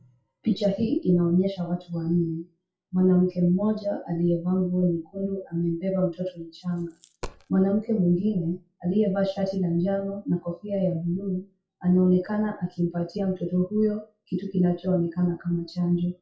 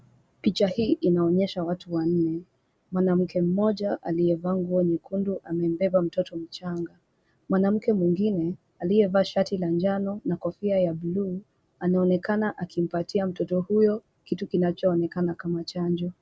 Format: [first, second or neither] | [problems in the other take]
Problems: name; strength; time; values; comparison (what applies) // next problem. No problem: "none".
second | noise reduction (classical method WPE with log-MMSE)